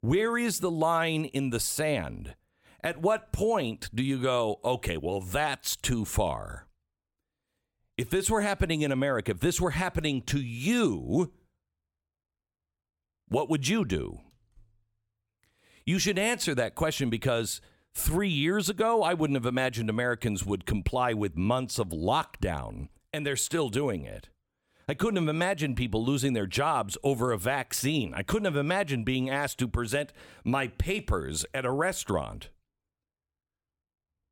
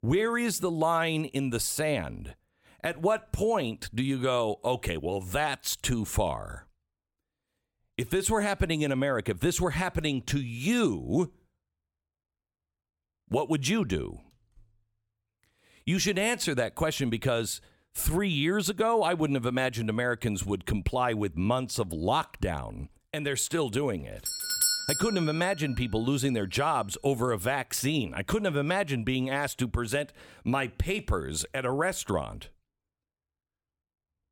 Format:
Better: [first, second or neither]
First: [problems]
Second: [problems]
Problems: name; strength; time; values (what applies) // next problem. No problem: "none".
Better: first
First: none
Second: doorbell; loud; at 24 s; peak 4 dB above the speech